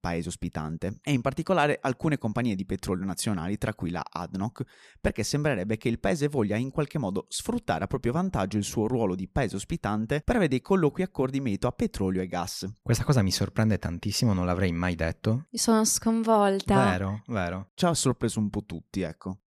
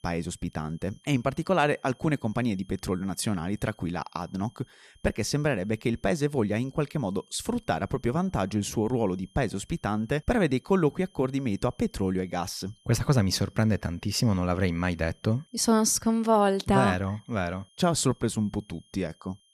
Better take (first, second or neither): first